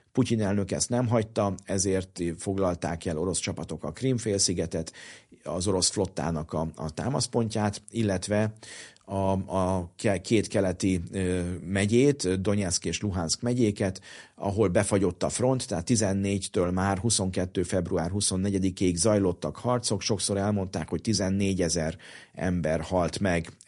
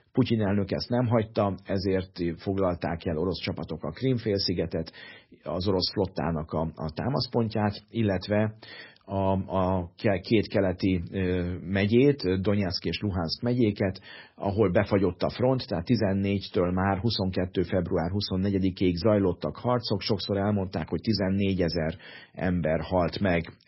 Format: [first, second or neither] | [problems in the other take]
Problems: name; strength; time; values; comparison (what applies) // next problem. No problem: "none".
first | garbled, watery; badly; nothing above 5.5 kHz; slightly in the first